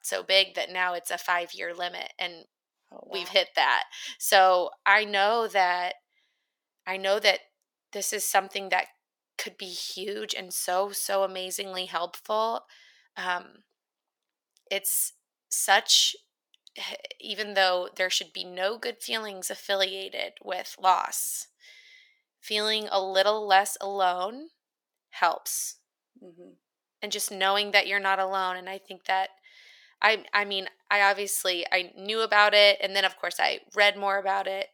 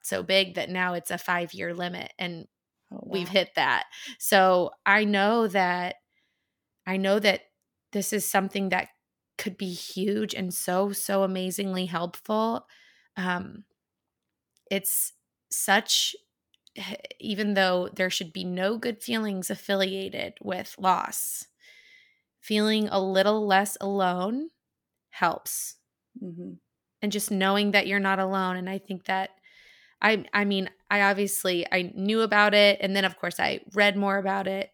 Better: second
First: thin; very; fading below 550 Hz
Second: none

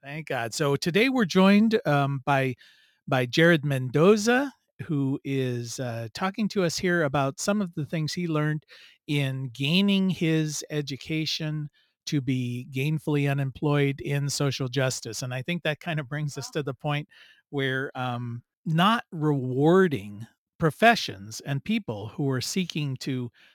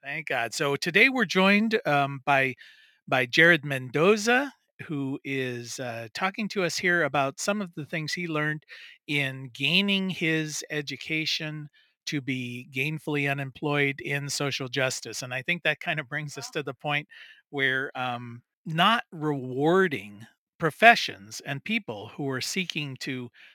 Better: first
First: none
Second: thin; very slightly; fading below 450 Hz

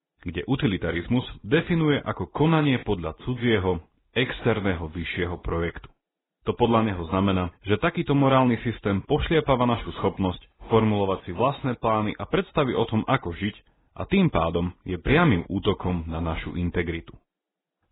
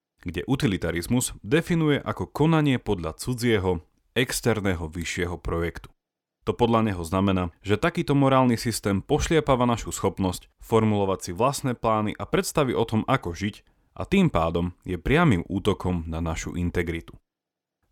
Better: second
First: garbled, watery; badly; nothing above 3.5 kHz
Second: none

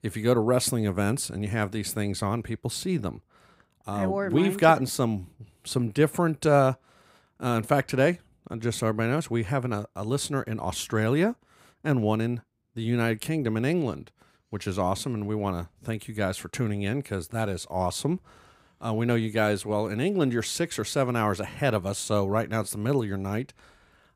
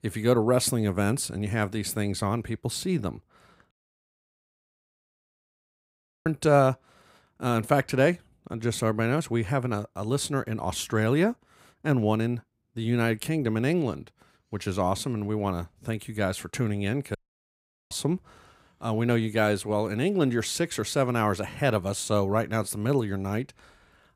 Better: first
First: none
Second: audio cutting out; at 3.5 s for 2.5 s and at 17 s for 1 s

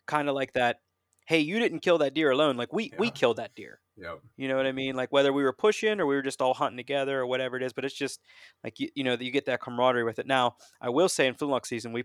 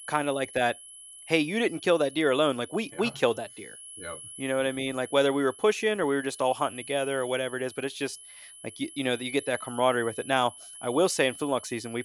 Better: first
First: none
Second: high-pitched whine; noticeable; throughout; 11 kHz, 15 dB below the speech

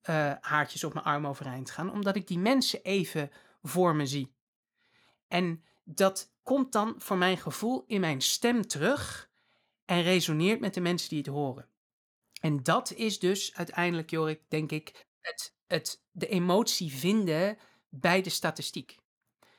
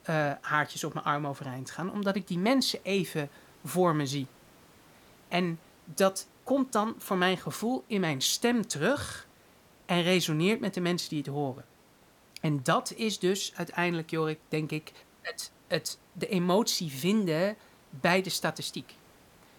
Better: first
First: none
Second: hiss; faint; throughout; 30 dB below the speech

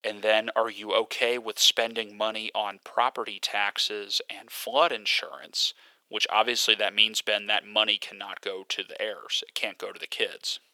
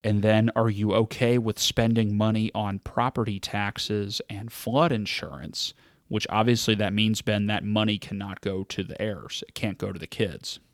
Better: second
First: thin; very; fading below 500 Hz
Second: none

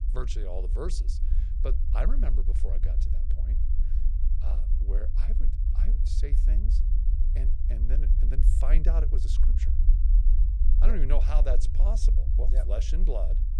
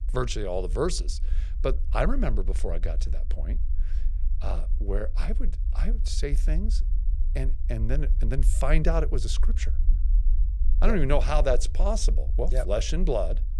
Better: second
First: low rumble; loud; throughout; 8 dB below the speech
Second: low rumble; faint; throughout; 20 dB below the speech

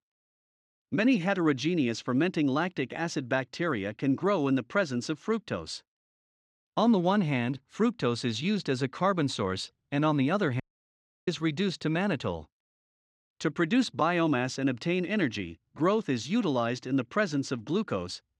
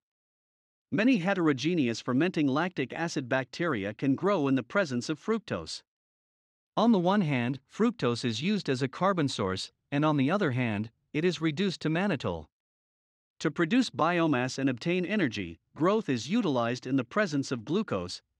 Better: second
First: audio cutting out; at 11 s for 0.5 s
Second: none

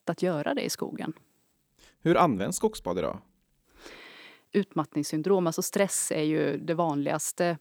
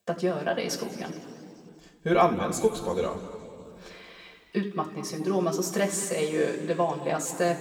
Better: first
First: none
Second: room echo; slight; dies away in 2.2 s // off-mic speech; somewhat distant

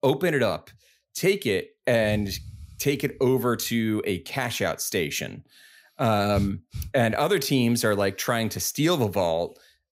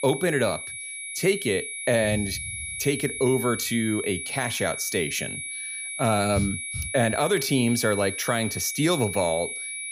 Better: first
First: none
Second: high-pitched whine; loud; throughout; 2.5 kHz, 6 dB below the speech

